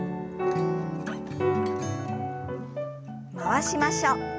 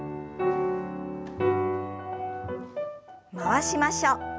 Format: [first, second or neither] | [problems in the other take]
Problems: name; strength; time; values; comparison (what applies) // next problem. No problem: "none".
second | background sound (Acoustic guitar); 5 dB below the speech